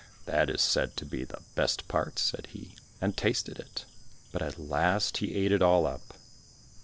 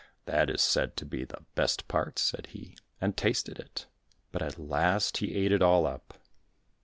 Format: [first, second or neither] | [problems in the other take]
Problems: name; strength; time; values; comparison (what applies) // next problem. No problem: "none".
second | background sound (Bird / Insect); 18 dB below the speech